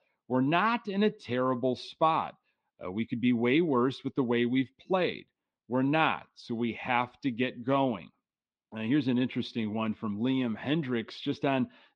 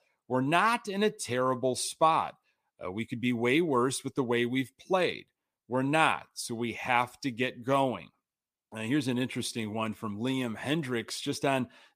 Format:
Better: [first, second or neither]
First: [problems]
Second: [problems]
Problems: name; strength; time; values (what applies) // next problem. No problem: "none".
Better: second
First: muffled; slightly; fading above 3.5 kHz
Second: none